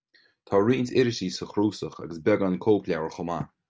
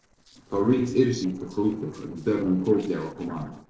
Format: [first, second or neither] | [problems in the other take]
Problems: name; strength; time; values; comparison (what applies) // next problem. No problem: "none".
first | noise reduction (neural separator model SepFormer DNS4)